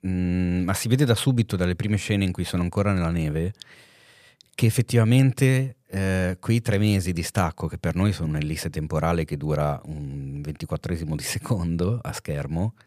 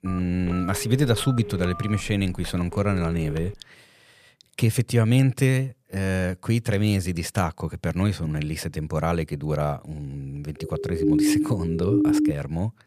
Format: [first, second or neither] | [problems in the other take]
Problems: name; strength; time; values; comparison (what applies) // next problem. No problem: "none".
first | phone ringing; noticeable; until 3.5 s; peak 10 dB below the speech // siren; loud; from 11 to 12 s; peak 5 dB above the speech